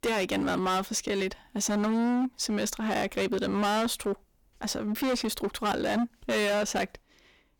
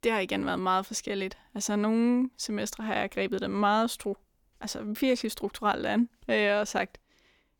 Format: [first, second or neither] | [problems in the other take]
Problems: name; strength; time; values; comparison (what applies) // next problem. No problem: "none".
second | distortion; heavy; 21% of the sound clipped